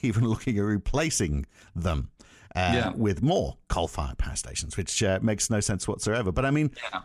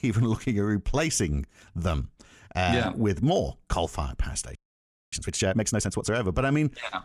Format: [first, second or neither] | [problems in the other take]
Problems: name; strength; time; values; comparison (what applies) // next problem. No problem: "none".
first | audio freezing; at 4.5 s for 0.5 s